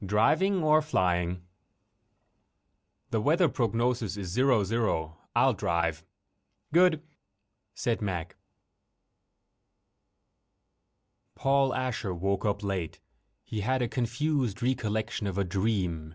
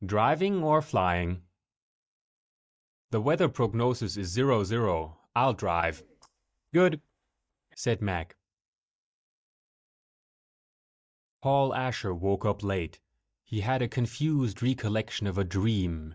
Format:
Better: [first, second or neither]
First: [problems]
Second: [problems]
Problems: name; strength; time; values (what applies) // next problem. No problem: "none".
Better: first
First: none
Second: noise reduction (neural mask model DeepFilterNet 3)